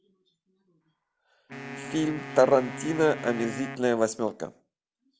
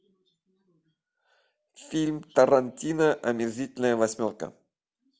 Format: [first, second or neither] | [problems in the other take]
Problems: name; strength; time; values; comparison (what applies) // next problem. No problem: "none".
second | background sound (Wind instrument, woodwind instrument + Alarm); 12 dB below the speech